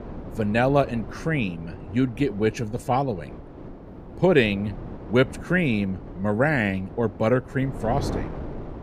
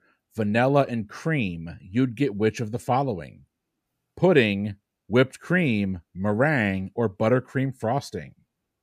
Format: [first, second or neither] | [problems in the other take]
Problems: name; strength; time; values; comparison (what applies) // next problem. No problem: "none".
second | wind noise on the microphone; occasional gusts; 15 dB below the speech